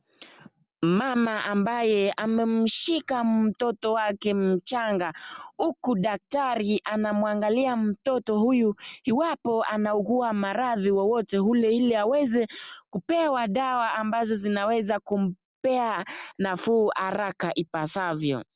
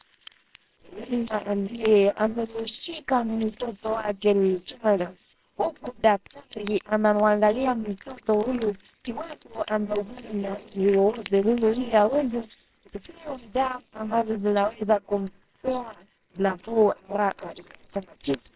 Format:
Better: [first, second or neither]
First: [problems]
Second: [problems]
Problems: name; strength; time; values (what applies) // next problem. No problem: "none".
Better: first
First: none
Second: noise reduction (neural separator model SepFormer WHAMR!)